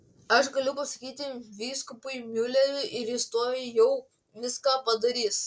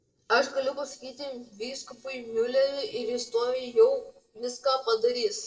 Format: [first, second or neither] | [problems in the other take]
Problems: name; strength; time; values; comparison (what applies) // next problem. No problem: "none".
first | noise reduction (neural separator model SepFormer DNS4)